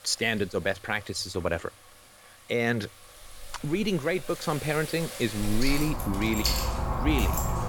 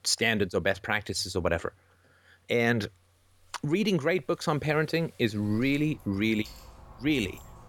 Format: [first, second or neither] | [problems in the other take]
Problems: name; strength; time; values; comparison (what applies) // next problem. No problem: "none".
second | household noises; loud; throughout; 2 dB below the speech; faint in the second